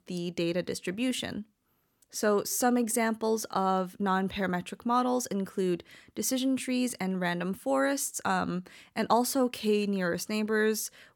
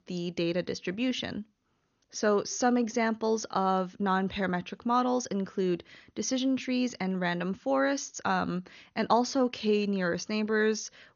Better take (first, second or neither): first